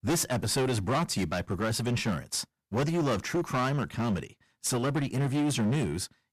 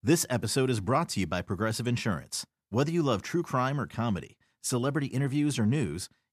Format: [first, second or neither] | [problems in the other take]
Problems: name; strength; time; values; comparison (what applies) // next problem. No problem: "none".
second | distortion; heavy; 16% of the sound clipped